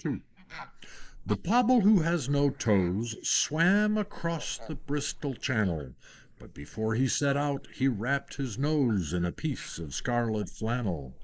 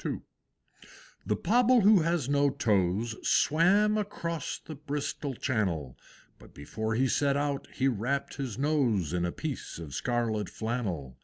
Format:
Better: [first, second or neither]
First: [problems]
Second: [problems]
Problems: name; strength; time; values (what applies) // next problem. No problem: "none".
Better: second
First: noise reduction (neural mask model Resemble Enhance denoiser)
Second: none